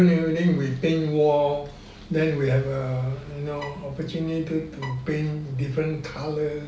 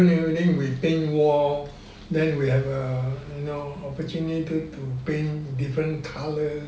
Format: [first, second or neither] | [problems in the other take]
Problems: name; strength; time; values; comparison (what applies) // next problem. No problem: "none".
second | background sound (Bowed string instrument); 18 dB below the speech